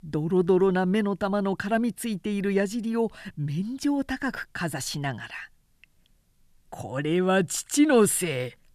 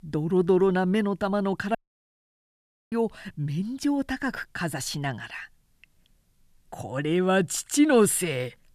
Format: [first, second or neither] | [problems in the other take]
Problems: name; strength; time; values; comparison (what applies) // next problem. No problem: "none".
first | audio cutting out; at 2 s for 1 s